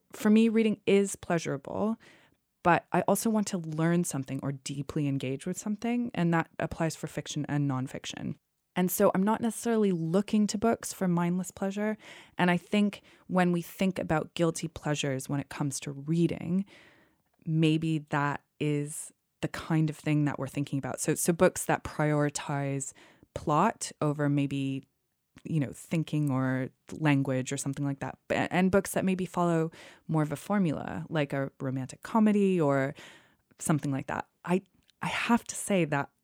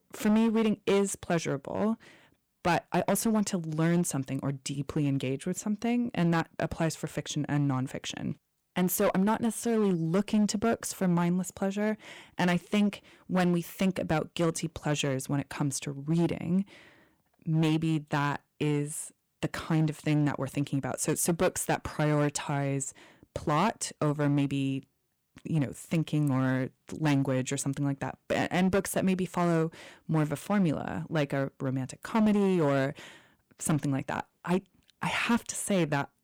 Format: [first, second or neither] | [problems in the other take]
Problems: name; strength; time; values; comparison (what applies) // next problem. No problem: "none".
first | distortion; slight; 6% of the sound clipped